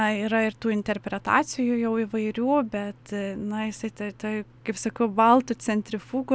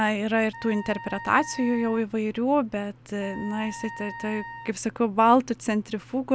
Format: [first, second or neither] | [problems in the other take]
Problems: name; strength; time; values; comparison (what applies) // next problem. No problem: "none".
first | background sound (Wind instrument, woodwind instrument); 15 dB below the speech